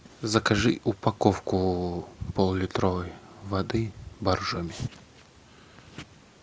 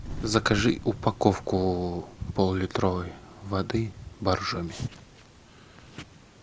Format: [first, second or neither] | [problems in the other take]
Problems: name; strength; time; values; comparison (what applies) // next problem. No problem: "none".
first | background sound (Thunder); 15 dB below the speech